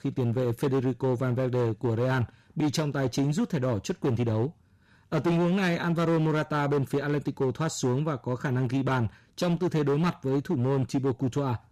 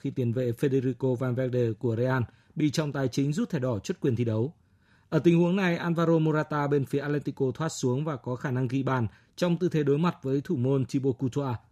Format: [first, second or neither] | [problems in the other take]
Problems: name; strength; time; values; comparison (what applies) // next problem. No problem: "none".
second | distortion; slight; 13% of the sound clipped